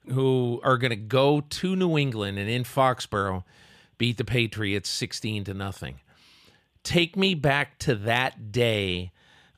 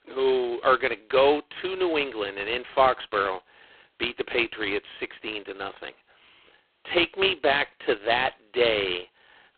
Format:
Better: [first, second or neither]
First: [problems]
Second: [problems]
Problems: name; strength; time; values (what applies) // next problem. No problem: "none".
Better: first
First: none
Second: phone-call audio; poor line; nothing above 3.5 kHz